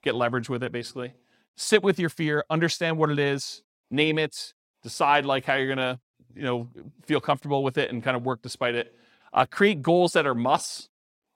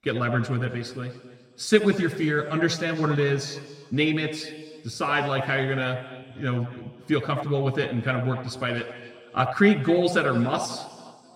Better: first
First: none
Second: room echo; slight; dies away in 1.8 s

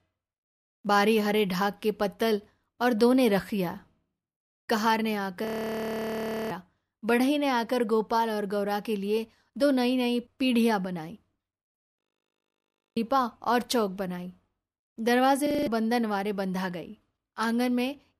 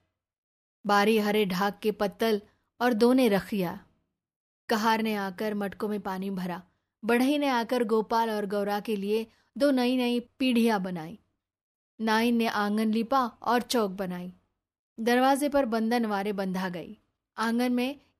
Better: second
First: audio freezing; at 5.5 s for 1 s, at 12 s for 1 s and at 15 s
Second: none

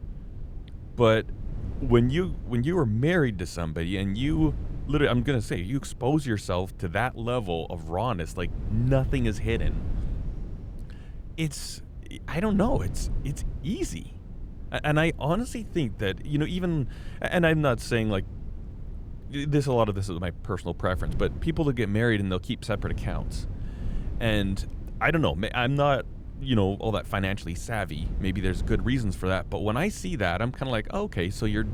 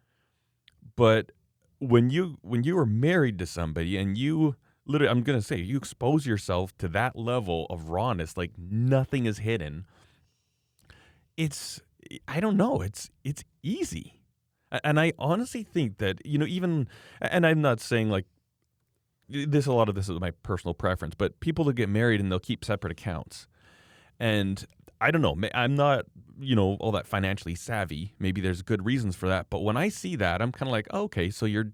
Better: second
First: wind noise on the microphone; occasional gusts; 20 dB below the speech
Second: none

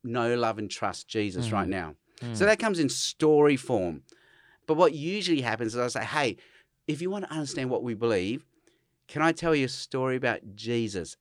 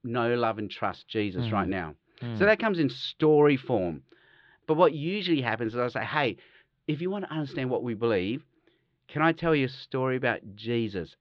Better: first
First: none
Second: muffled; slightly; fading above 4 kHz

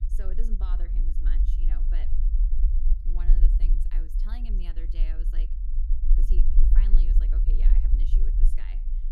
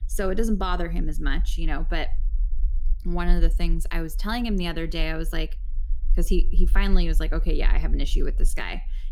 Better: second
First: low rumble; loud; throughout; 1 dB below the speech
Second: low rumble; faint; throughout; 25 dB below the speech

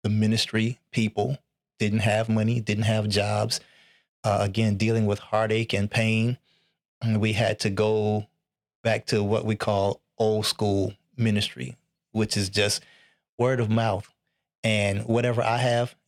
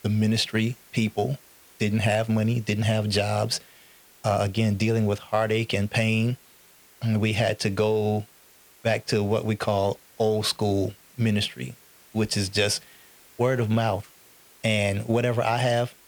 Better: first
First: none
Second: hiss; faint; throughout; 25 dB below the speech

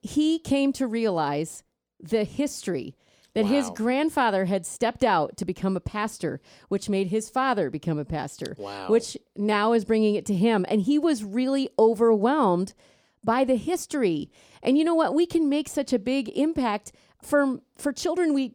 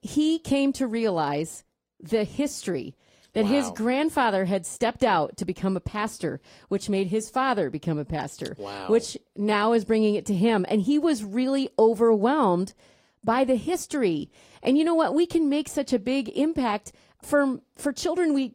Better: first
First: none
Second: garbled, watery; slightly; nothing above 15.5 kHz

